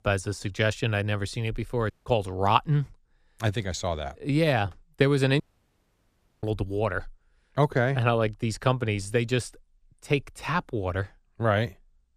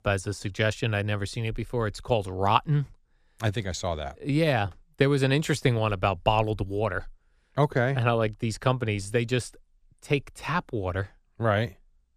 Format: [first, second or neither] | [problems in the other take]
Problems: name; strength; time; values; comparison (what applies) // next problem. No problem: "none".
second | audio cutting out; at 2 s and at 5.5 s for 1 s